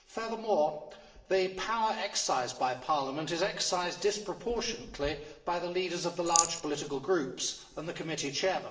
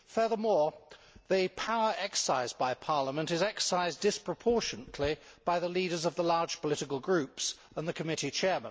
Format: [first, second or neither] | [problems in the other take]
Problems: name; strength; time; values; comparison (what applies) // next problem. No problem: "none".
second | background sound (Rattle); as loud as the speech // room echo; dies away in 1.3 s